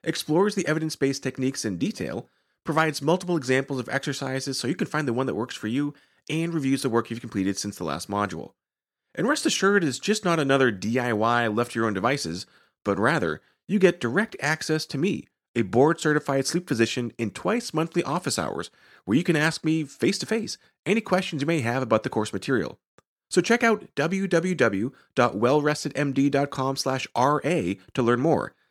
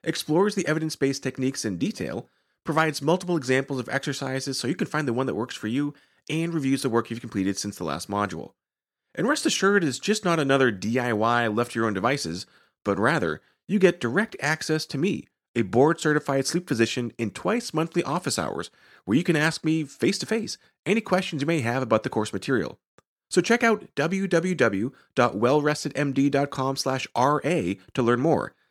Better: neither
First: none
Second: none

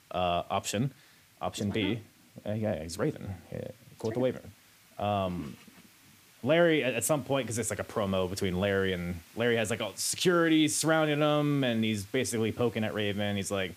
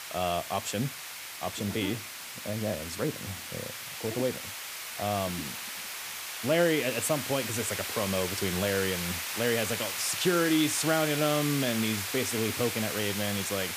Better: first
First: hiss; faint; throughout; 25 dB below the speech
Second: hiss; loud; throughout; 4 dB below the speech

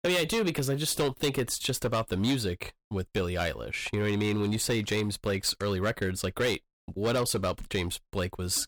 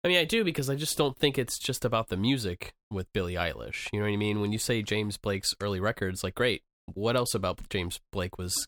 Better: second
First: distortion; slight; 8% of the sound clipped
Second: none

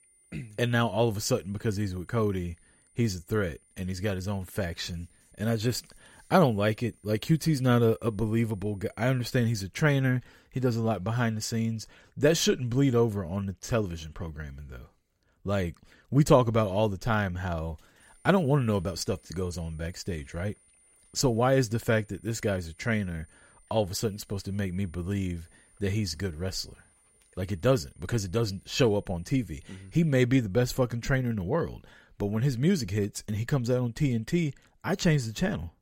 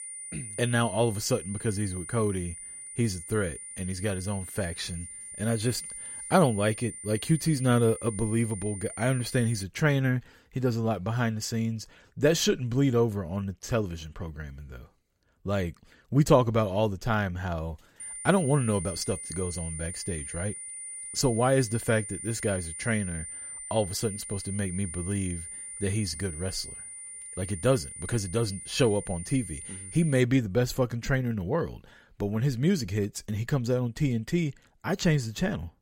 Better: first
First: high-pitched whine; faint; until 9.5 s and from 18 to 30 s; 9 kHz, 30 dB below the speech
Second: high-pitched whine; loud; until 9.5 s and from 18 to 30 s; 9 kHz, 9 dB below the speech

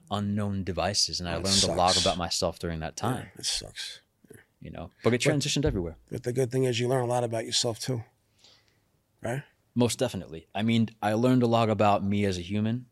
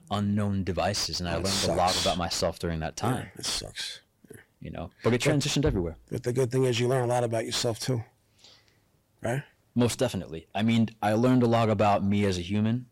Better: first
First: none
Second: distortion; slight; 10 dB below the speech

